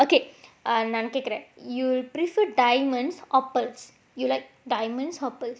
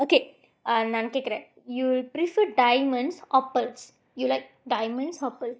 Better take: first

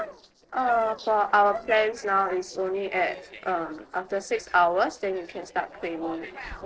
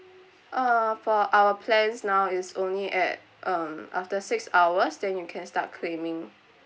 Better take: second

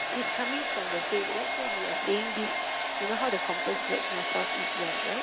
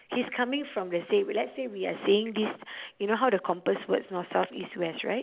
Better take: second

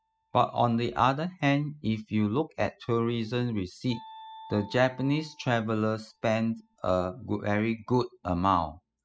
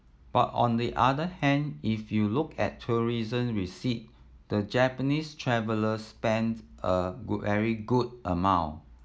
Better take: second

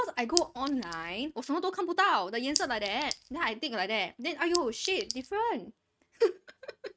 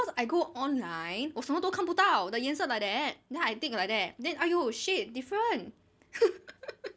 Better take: second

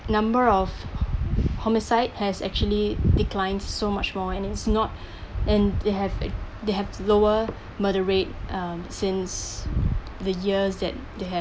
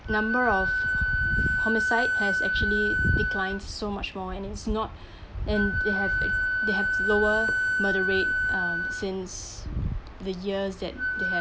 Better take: first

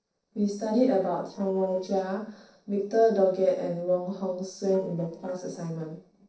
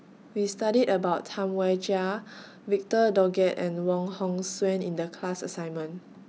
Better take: second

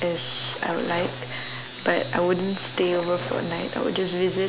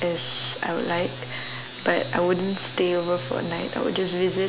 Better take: second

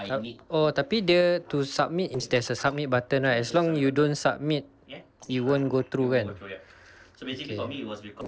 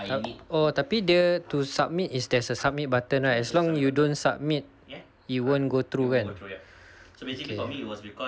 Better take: second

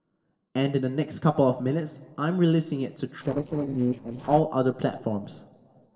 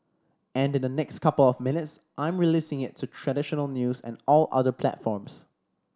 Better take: second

